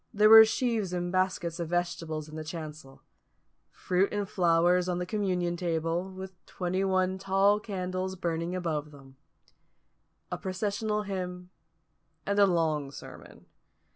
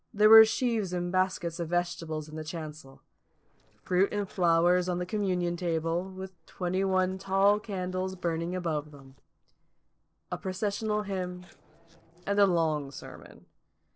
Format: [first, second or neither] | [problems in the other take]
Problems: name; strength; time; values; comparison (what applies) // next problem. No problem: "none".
first | noise reduction (neural separator model SepFormer DNS4)